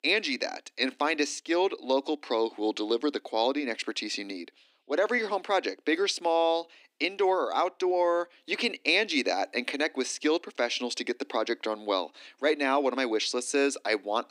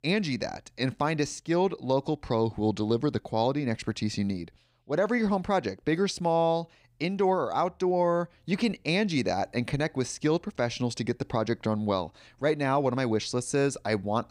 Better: second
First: thin; very slightly; fading below 250 Hz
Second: none

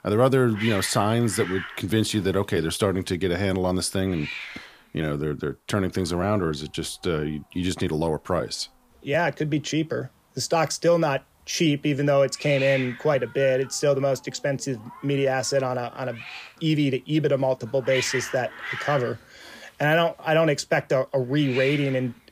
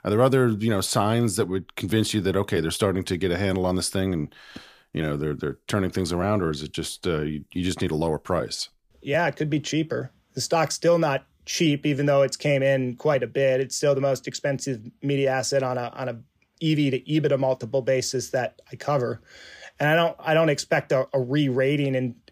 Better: second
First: hiss; loud; throughout; 10 dB below the speech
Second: none

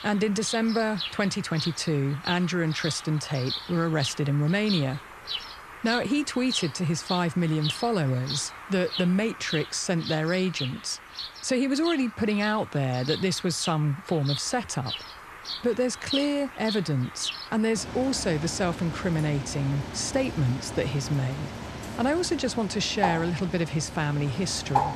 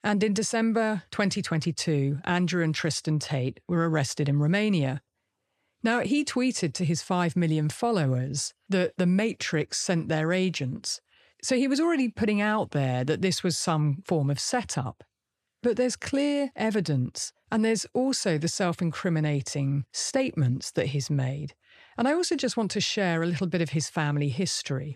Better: second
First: animal sounds; loud; throughout; 8 dB below the speech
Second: none

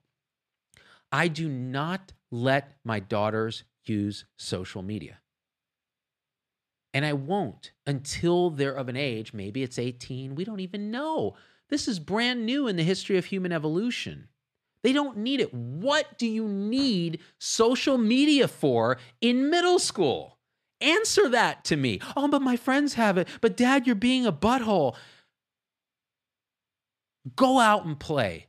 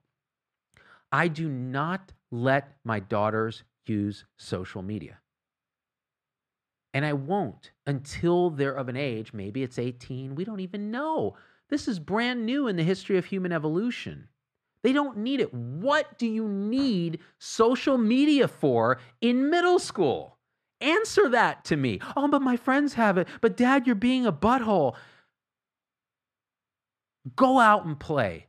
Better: first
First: none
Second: muffled; slightly; fading above 2.5 kHz

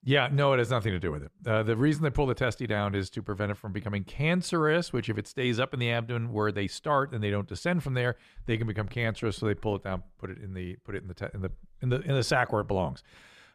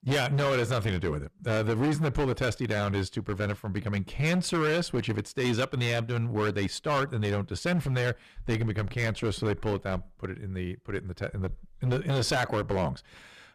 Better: first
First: none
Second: distortion; heavy; 12% of the sound clipped

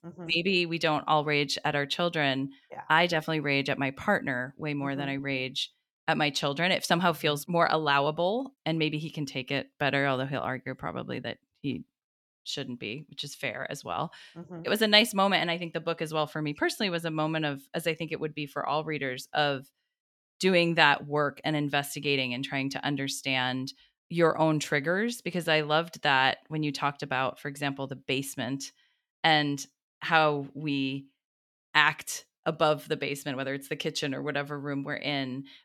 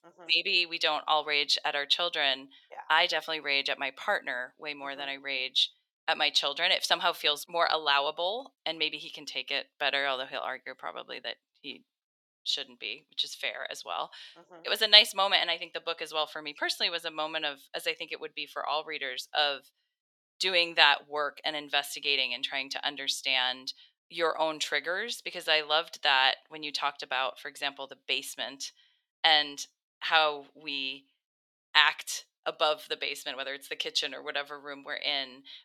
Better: first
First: none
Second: thin; very; fading below 650 Hz

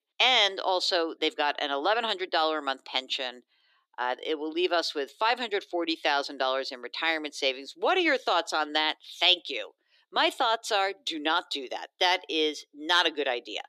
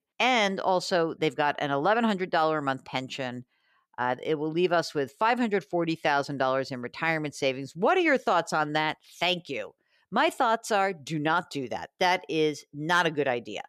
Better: second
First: thin; somewhat; fading below 300 Hz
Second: none

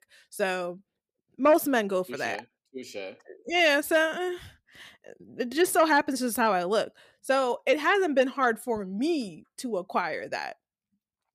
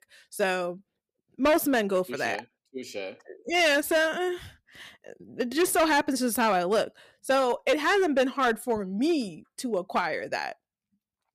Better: first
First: none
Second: distortion; slight; 5% of the sound clipped

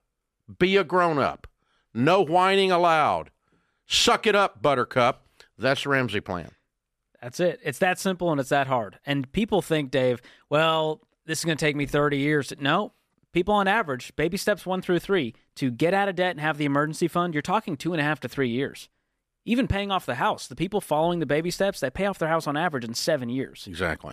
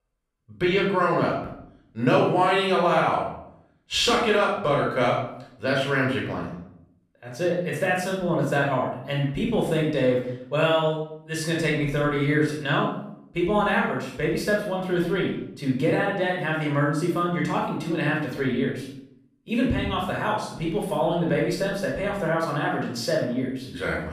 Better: first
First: none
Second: off-mic speech; far // room echo; noticeable; dies away in 0.6 s

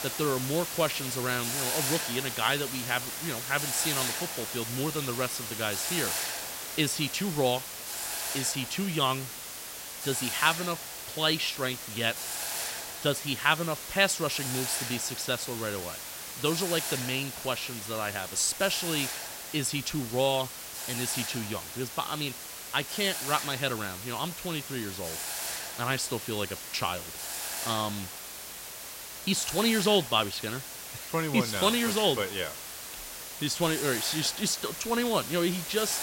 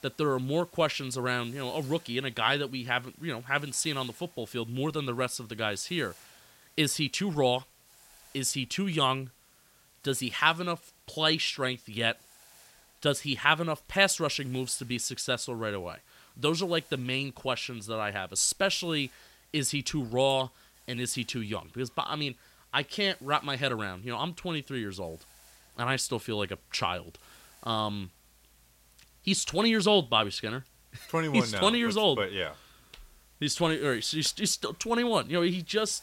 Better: second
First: hiss; loud; throughout; 4 dB below the speech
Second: hiss; faint; throughout; 25 dB below the speech

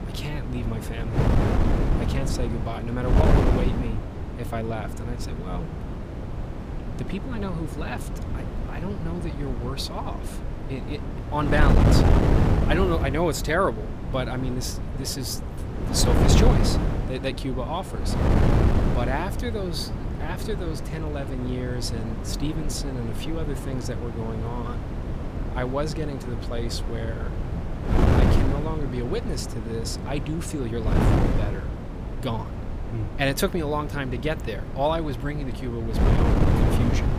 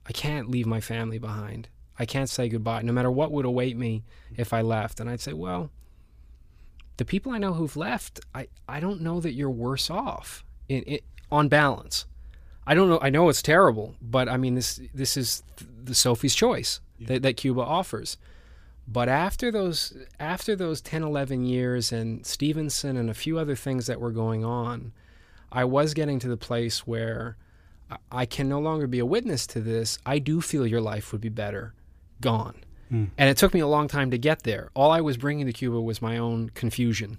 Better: second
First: wind noise on the microphone; heavy; 2 dB below the speech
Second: none

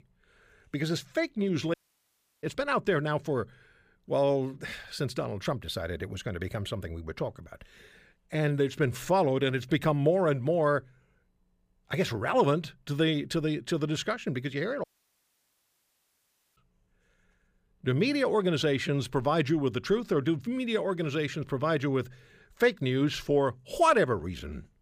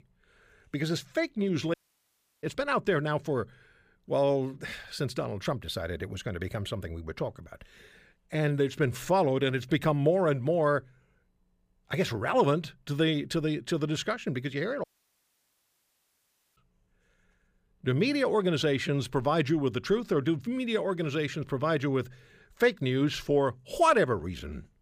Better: neither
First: audio cutting out; at 1.5 s for 0.5 s and at 15 s for 1.5 s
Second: audio cutting out; at 1.5 s for 0.5 s and at 15 s for 1.5 s

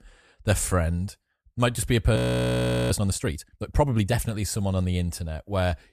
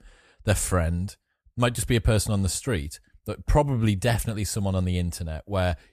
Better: second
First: audio freezing; at 2 s for 0.5 s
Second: none

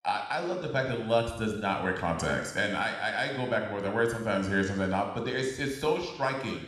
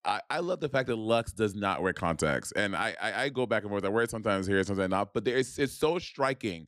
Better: second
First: room echo; noticeable; dies away in 0.9 s // off-mic speech; somewhat distant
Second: none

